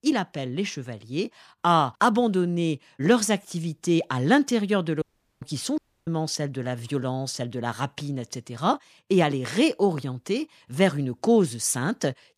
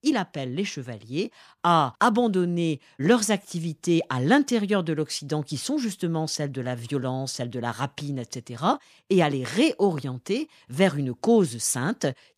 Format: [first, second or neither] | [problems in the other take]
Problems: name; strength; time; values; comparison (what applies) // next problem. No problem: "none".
second | audio cutting out; at 5 s and at 6 s